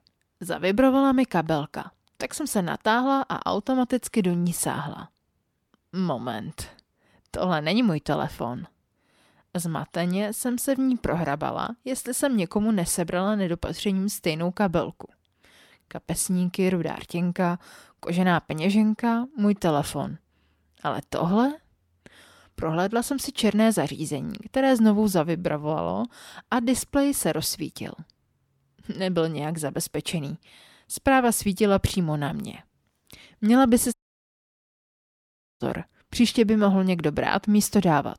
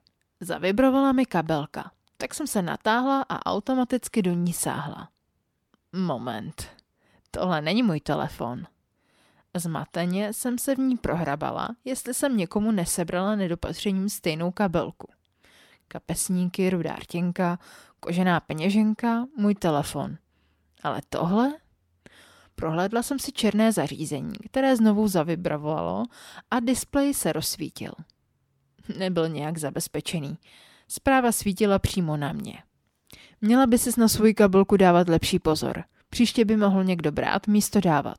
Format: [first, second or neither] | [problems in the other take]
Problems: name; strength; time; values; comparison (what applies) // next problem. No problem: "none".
second | audio cutting out; at 34 s for 1.5 s